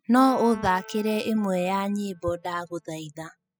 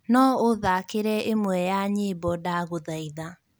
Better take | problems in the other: second | noise reduction (classical method spectral subtraction)

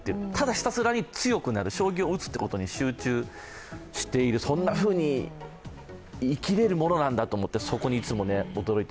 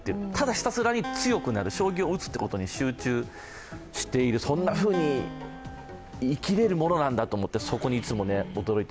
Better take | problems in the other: first | background sound (Acoustic guitar); 15 dB below the speech

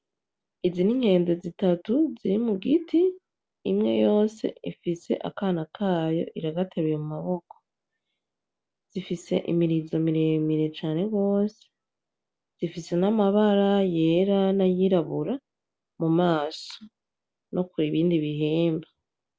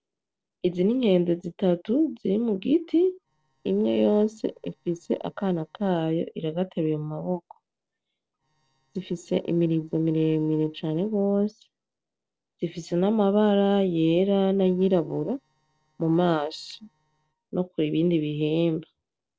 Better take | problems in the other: first | noise reduction (neural separator model SepFormer DNS4)

